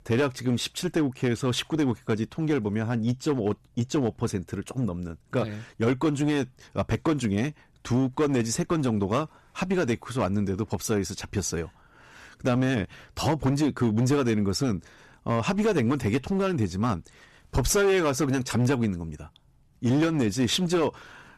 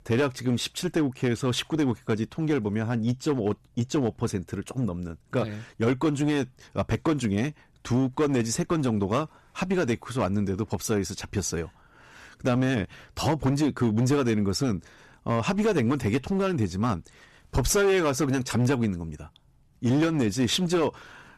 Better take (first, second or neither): neither